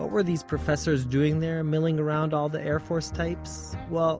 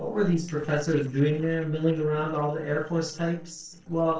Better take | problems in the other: first | noise reduction (neural separator model SepFormer DNS4)

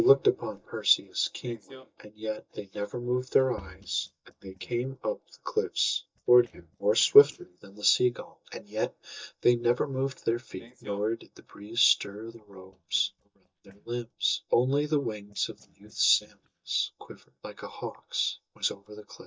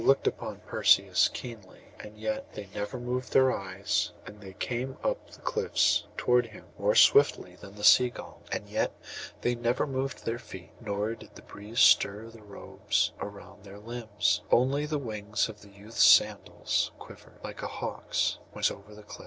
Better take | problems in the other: second | noise reduction (neural mask model DeepFilterNet 3)

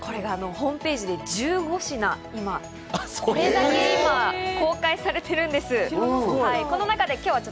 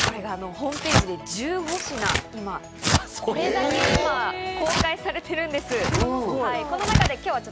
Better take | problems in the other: first | background sound (Tearing); 1 dB below the speech

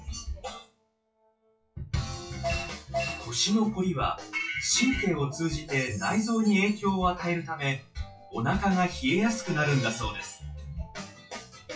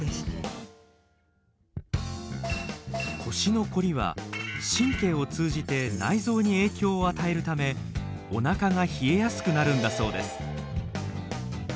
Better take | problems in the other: second | noise reduction (classical method WPE with log-MMSE)

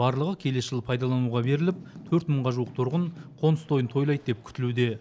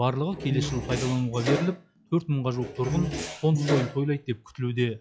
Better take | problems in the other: first | noise reduction (classical method log-MMSE)

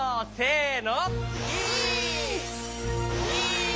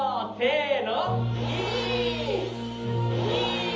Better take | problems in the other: first | room echo; dies away in 0.7 s

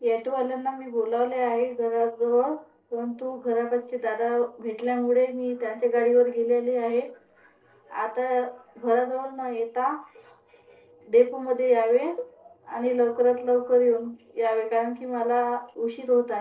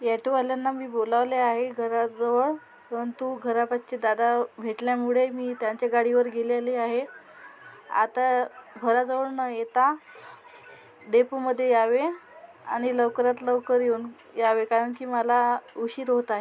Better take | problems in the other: second | noise reduction (neural separator model SepFormer DNS4)

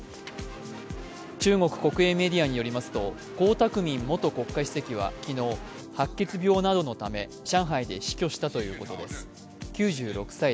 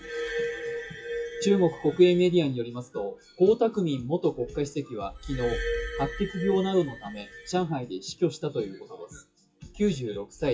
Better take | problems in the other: first | noise reduction (classical method WPE with log-MMSE)

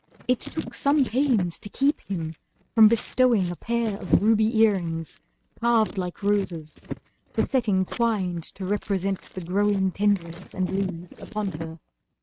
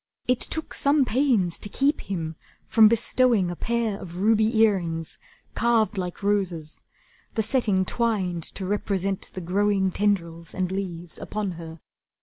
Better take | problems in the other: second | noise reduction (neural mask model RNNoise)

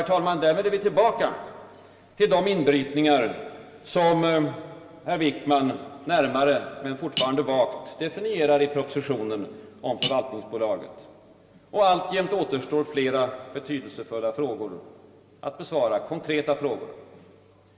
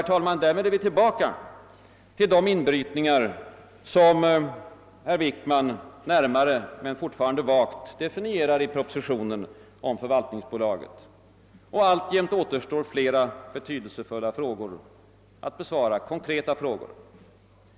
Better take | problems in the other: second | background sound (Cutlery, silverware); 12 dB below the speech // room echo; dies away in 1.9 s

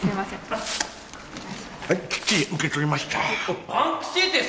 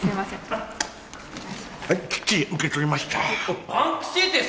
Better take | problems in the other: second | background sound (Wind); 12 dB below the speech

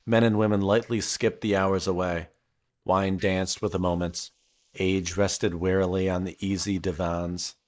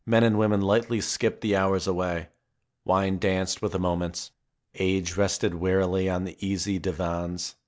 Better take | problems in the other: second | noise reduction (neural mask model Resemble Enhance denoiser)

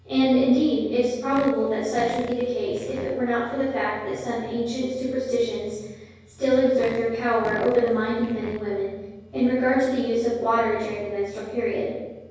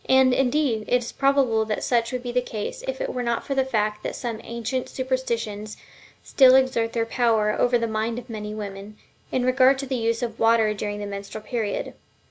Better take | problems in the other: second | background sound (Fart); 15 dB below the speech // room echo; dies away in 1.3 s

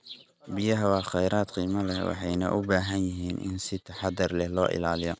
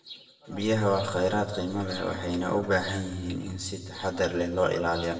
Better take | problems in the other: first | room echo; dies away in 1.3 s

